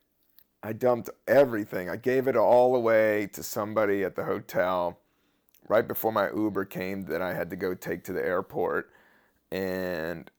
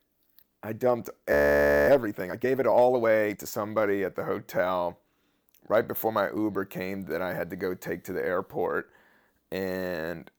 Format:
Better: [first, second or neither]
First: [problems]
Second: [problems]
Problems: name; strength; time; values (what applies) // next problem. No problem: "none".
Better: first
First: none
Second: audio freezing; at 1.5 s for 0.5 s